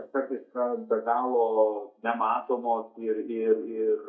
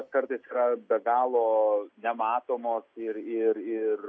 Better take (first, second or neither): second